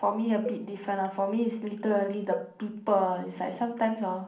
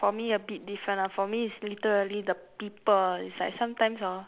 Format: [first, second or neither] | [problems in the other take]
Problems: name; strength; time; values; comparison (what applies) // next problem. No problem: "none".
second | background sound (Cowbell); 14 dB below the speech // room echo; dies away in 0.6 s